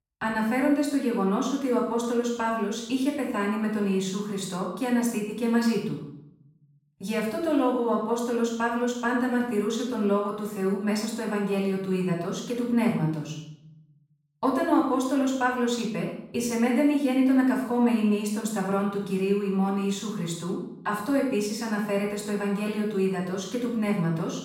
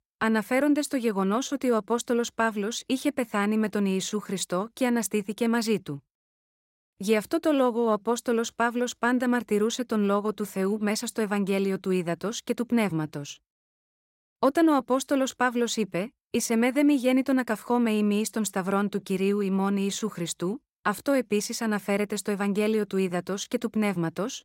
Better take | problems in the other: second | off-mic speech; far // room echo; noticeable; dies away in 0.7 s

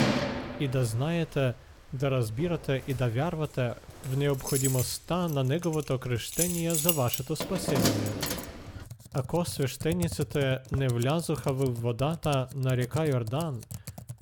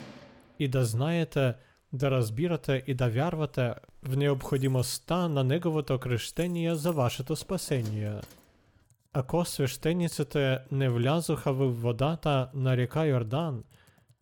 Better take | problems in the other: second | household noises; loud; throughout; 4 dB below the speech; faint in the second

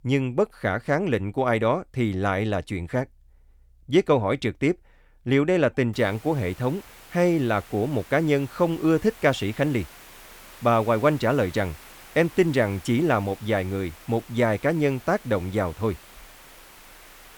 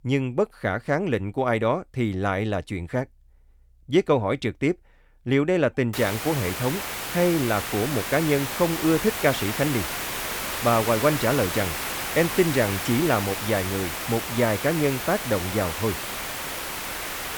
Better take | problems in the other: first | hiss; loud; from 6 s on; 4 dB below the speech; faint in the first

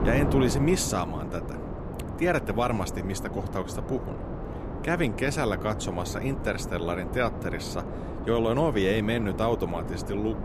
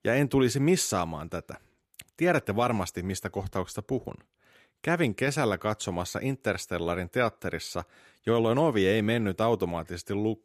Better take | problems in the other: second | wind noise on the microphone; heavy; 9 dB below the speech

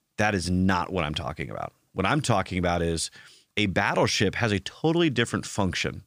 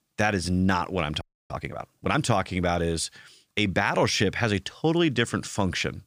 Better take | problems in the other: first | audio freezing; at 1 s

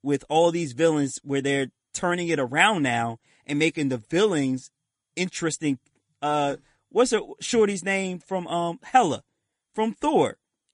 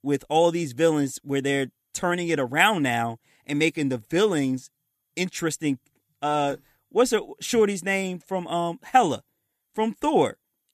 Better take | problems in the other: second | garbled, watery; slightly

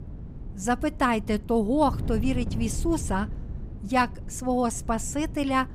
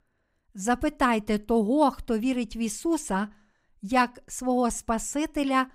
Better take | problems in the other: second | wind noise on the microphone; occasional gusts; 20 dB below the speech

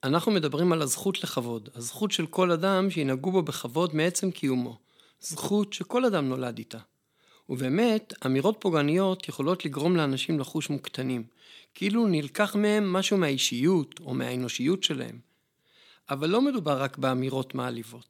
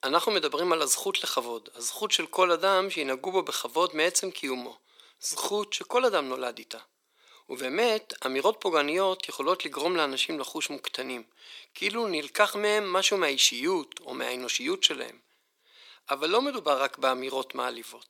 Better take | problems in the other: first | thin; very; fading below 400 Hz

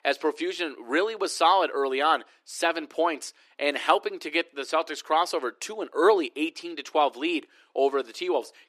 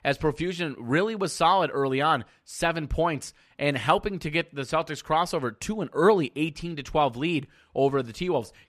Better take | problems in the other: second | thin; somewhat; fading below 300 Hz

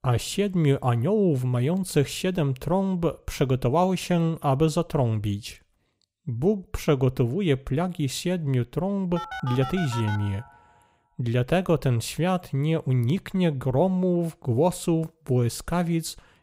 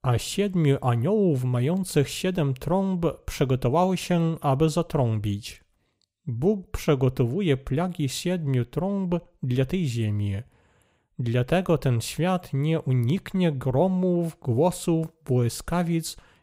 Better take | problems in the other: second | phone ringing; noticeable; from 9 to 11 s; peak 9 dB below the speech

